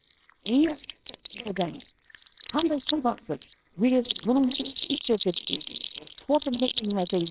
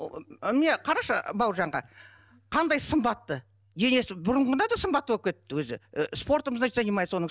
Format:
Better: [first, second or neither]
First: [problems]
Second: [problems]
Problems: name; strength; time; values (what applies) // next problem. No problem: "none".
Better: second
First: noise reduction (neural separator model SepFormer WHAMR!)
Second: none